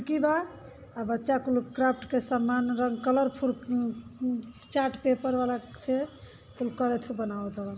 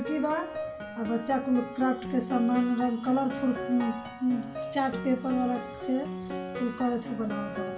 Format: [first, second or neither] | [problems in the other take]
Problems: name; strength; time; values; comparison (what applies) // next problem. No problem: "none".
first | background sound (Piano); 8 dB below the speech // room echo; dies away in 0.2 s